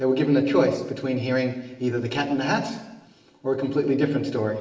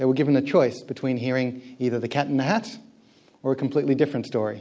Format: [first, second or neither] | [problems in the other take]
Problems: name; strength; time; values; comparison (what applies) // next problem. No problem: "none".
second | room echo; dies away in 1 s